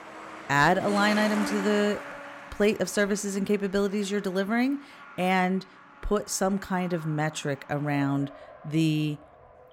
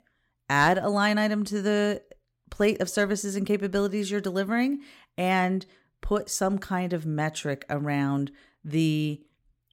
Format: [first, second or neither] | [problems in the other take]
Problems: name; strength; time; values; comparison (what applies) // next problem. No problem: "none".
second | traffic noise; noticeable; throughout; 15 dB below the speech